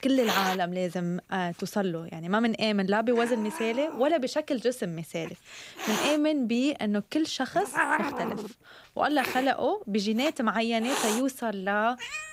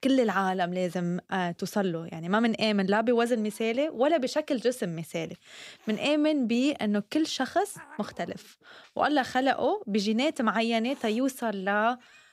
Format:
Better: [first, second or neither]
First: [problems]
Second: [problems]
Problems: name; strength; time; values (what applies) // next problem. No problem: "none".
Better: second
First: hiss; loud; throughout; 5 dB below the speech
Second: hiss; faint; throughout; 25 dB below the speech